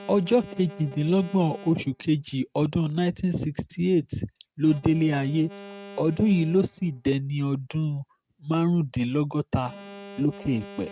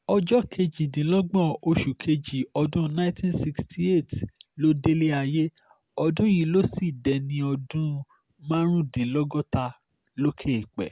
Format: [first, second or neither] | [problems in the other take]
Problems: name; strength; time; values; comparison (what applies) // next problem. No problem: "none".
second | noise reduction (neural mask model RNNoise)